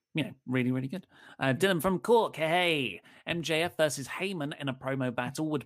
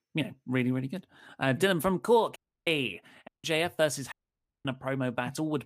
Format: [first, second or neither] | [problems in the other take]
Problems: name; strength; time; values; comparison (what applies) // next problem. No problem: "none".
first | audio cutting out; at 2.5 s, at 3.5 s and at 4 s for 0.5 s